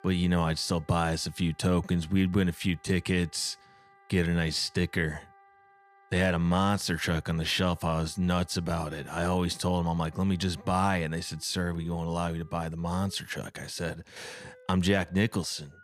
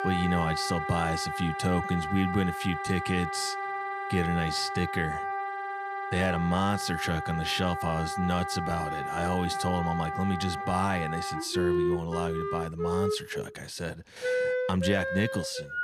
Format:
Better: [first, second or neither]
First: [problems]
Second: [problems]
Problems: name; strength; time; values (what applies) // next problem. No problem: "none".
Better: first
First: background music; faint; throughout; 30 dB below the speech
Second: background music; loud; throughout; 2 dB below the speech